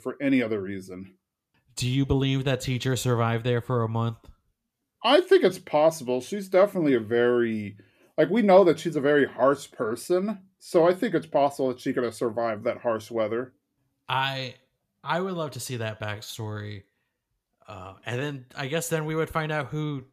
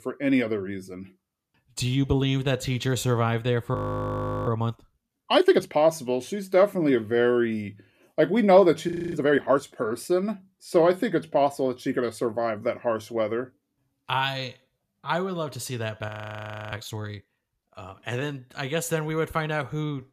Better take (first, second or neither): first